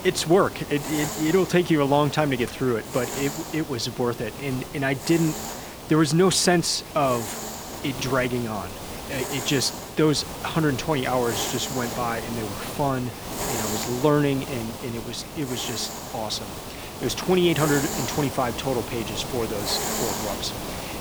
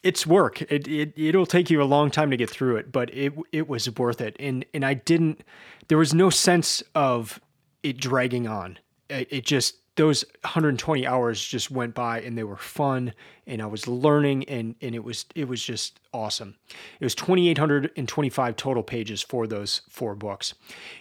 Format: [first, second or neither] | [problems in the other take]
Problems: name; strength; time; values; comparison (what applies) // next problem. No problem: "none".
second | hiss; loud; throughout; 7 dB below the speech